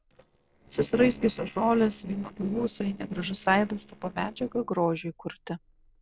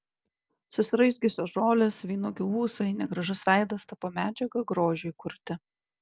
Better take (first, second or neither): second